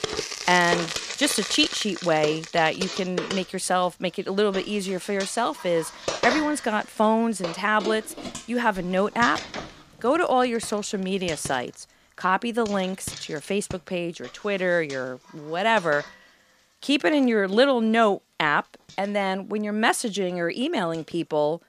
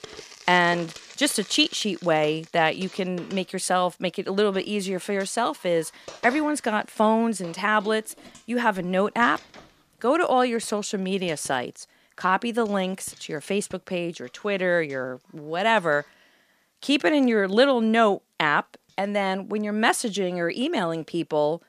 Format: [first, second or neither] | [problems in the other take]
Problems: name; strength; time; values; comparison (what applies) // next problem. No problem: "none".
second | household noises; loud; throughout; 9 dB below the speech; faint in the second